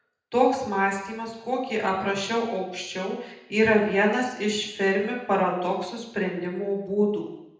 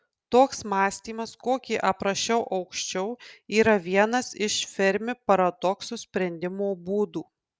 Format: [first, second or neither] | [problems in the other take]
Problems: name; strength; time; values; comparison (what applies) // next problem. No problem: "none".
second | room echo; dies away in 0.9 s